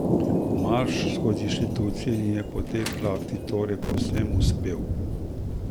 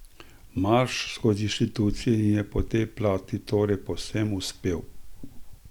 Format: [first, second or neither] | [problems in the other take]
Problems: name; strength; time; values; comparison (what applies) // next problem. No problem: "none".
second | background sound (Thunder); 2 dB above the speech